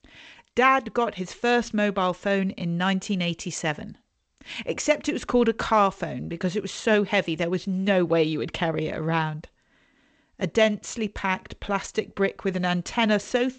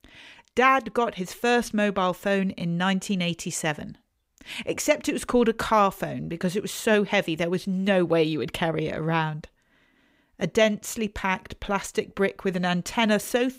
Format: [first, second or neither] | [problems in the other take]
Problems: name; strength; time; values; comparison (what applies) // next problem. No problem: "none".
second | garbled, watery; slightly; nothing above 8 kHz